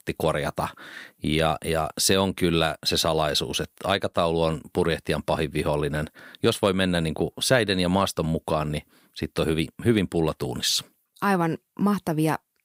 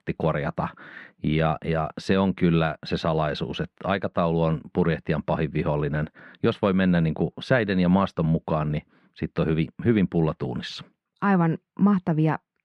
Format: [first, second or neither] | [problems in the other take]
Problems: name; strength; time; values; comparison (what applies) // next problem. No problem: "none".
first | muffled; slightly; fading above 2 kHz